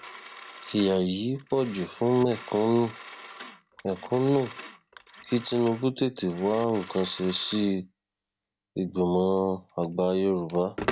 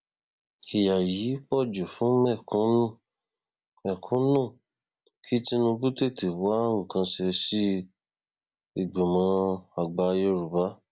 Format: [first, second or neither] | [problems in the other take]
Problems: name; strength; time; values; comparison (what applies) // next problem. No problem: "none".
second | background sound (Telephone); 16 dB below the speech